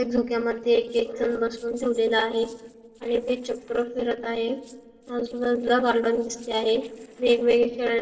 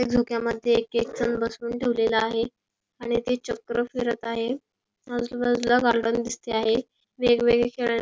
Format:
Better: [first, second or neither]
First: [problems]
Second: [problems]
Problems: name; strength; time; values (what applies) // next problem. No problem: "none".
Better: second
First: noise reduction (neural separator model SepFormer DNS4)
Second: none